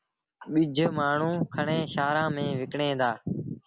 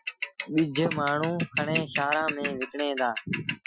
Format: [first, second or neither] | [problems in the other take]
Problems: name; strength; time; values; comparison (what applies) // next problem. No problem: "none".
first | noise reduction (classical method Wiener filter)